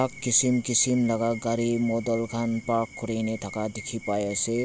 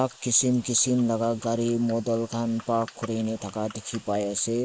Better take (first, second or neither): first